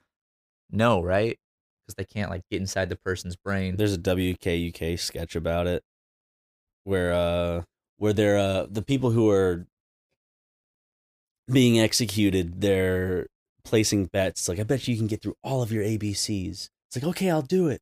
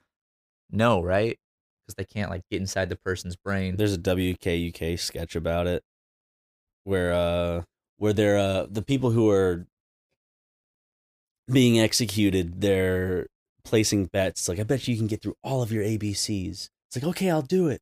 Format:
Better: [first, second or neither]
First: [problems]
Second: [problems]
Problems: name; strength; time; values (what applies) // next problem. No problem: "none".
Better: neither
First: none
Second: none